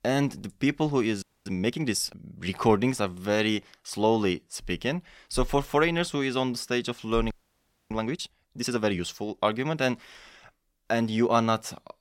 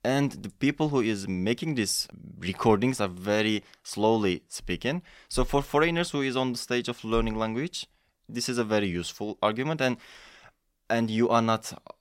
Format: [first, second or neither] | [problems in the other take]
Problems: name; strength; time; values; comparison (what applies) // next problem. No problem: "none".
second | audio freezing; at 1 s and at 7.5 s for 0.5 s